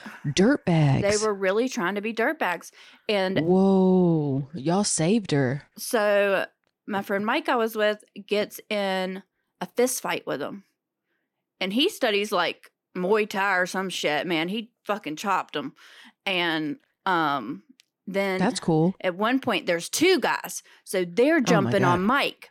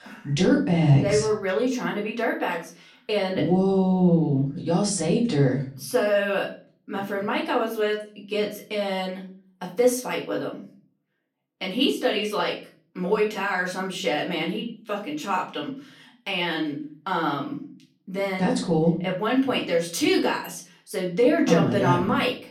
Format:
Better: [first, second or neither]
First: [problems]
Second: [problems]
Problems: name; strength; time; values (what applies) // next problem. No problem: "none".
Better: first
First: none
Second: off-mic speech; far // room echo; slight; dies away in 0.4 s